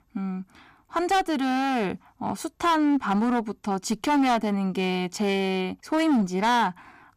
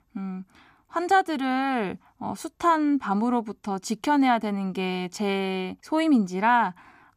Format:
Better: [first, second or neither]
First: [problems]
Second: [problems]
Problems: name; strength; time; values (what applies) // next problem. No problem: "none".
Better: second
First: distortion; slight; 11% of the sound clipped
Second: none